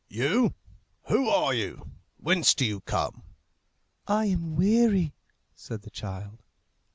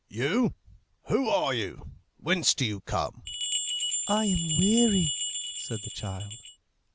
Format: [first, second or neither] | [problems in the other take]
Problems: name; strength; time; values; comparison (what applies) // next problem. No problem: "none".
first | background sound (Bell); 2 dB below the speech